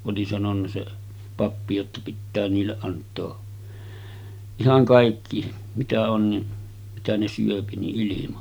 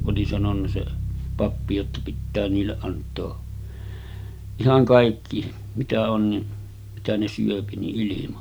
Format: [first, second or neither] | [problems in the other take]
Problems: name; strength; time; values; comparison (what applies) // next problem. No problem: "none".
first | background sound (Bass guitar); 8 dB below the speech